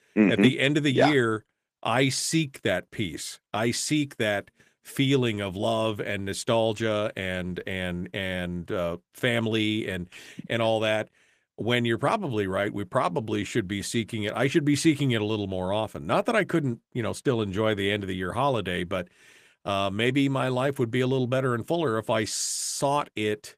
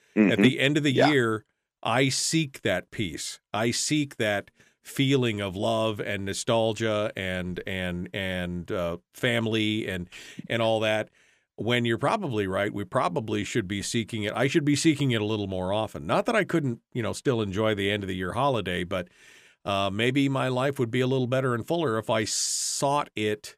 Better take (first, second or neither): second